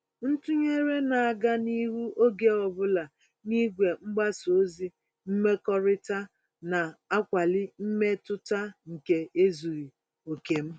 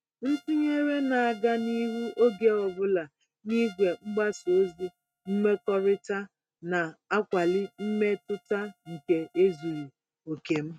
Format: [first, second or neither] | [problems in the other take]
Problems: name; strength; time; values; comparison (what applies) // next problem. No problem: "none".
first | noise reduction (neural mask model RNNoise)